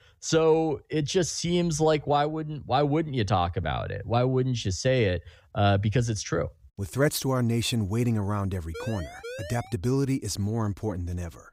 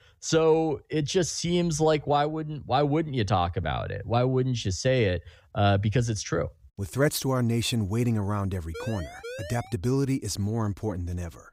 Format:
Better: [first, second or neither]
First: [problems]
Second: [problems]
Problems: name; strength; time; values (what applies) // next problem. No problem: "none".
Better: neither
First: siren; faint; at 8.5 s; peak 10 dB below the speech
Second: siren; faint; at 8.5 s; peak 10 dB below the speech